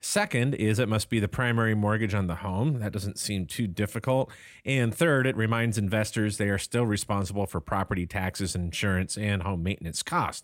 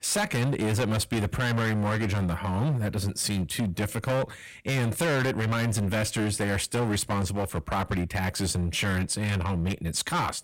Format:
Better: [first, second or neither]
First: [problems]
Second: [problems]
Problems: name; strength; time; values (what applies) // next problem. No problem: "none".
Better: first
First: none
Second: distortion; heavy; 21% of the sound clipped